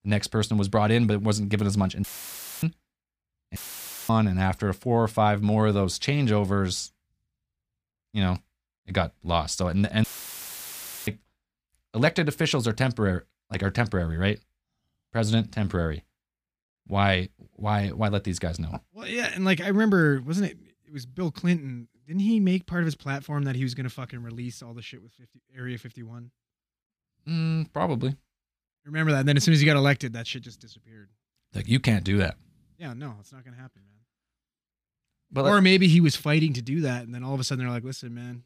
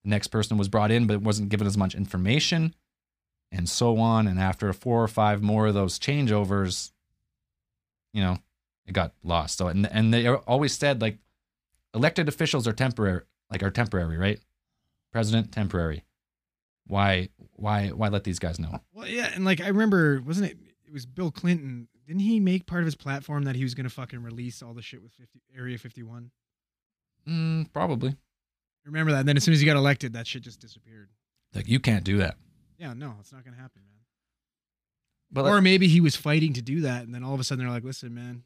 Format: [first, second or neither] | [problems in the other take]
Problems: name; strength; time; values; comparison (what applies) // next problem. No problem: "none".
second | audio cutting out; filled with static; at 2 s for 0.5 s, at 3.5 s for 0.5 s and at 10 s for 1 s